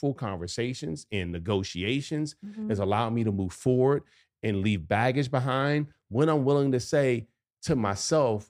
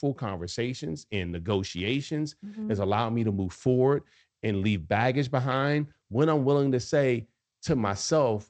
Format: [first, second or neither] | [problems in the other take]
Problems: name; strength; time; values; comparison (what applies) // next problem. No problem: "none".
first | garbled, watery; slightly; nothing above 8 kHz